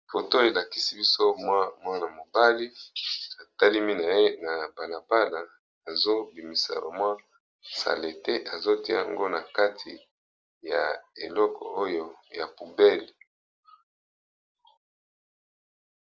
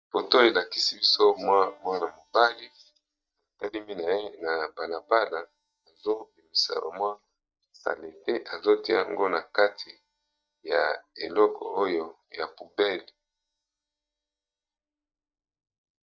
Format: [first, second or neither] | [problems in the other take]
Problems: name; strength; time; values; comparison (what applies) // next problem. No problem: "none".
first | noise reduction (neural mask model DeepFilterNet 3)